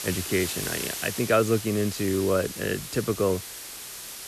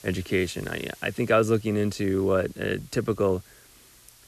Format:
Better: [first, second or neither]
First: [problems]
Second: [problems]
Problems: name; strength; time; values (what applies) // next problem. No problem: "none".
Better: second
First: hiss; loud; throughout; 7 dB below the speech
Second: hiss; faint; throughout; 25 dB below the speech